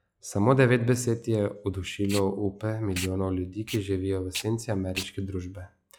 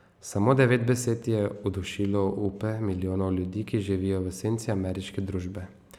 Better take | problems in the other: second | noise reduction (classical method log-MMSE)

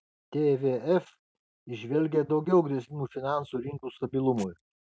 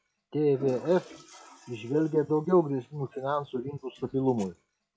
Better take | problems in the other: first | noise reduction (classical method log-MMSE)

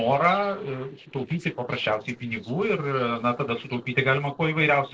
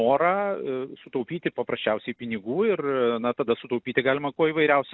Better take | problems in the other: second | noise reduction (neural separator model SepFormer DNS4)

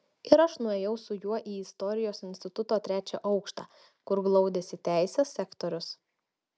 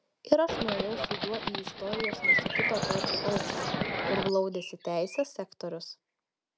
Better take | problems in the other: first | background sound (Bird + Livestock, farm animals, working animals); 1 dB above the speech

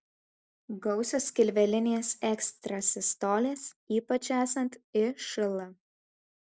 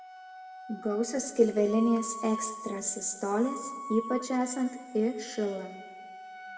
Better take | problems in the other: first | background sound (Wind instrument, woodwind instrument); 12 dB below the speech // room echo; dies away in 1.4 s

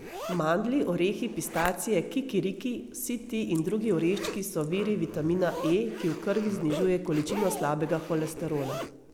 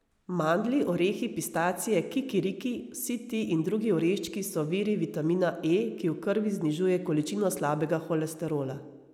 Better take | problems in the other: second | background sound (Zipper (clothing)); 12 dB below the speech

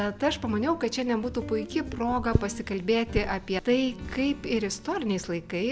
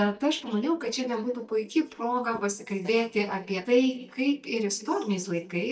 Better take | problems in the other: first | noise reduction (neural mask model DeepFilterNet 3)

